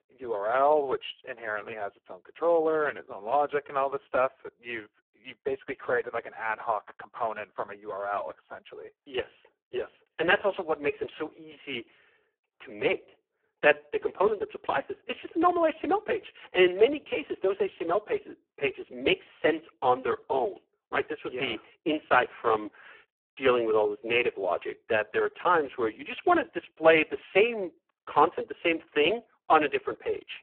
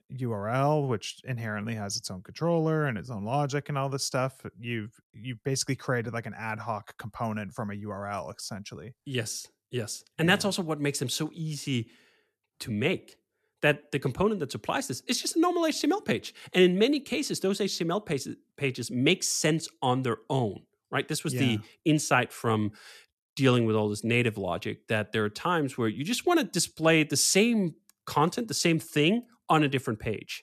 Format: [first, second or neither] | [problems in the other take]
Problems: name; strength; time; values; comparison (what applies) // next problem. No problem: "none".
second | phone-call audio; poor line